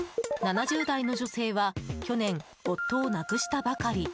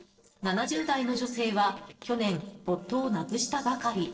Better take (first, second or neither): first